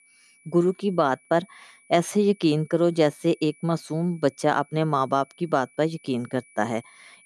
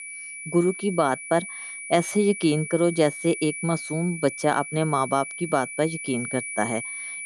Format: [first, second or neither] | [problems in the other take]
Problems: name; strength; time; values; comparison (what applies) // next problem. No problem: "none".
first | high-pitched whine; loud; throughout; 2.5 kHz, 8 dB below the speech; faint in the first